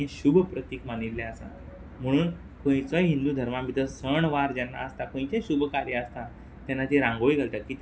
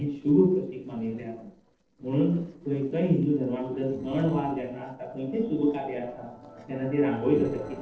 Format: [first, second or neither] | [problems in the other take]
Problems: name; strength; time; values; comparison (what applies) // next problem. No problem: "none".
first | noise reduction (neural separator model SepFormer DNS4)